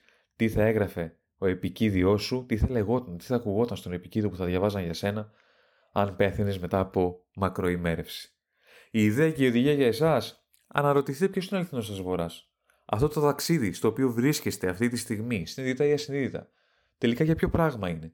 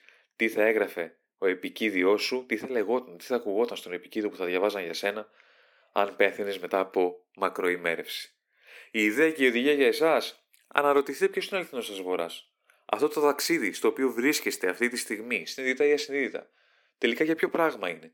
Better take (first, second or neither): first